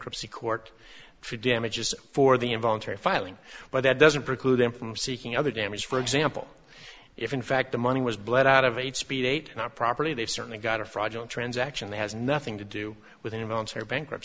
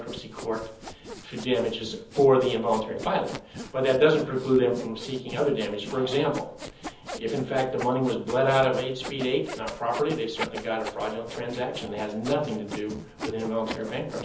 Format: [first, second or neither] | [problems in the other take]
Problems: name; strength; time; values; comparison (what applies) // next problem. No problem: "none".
first | background sound (Sawing); 13 dB below the speech // room echo; dies away in 0.7 s